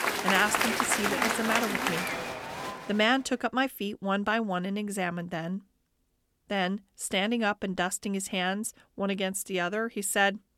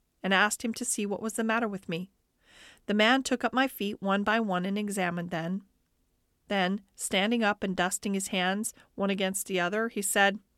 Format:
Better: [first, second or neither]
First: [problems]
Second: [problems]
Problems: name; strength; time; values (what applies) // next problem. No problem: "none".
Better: second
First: crowd noise; very loud; until 3 s; 1 dB above the speech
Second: none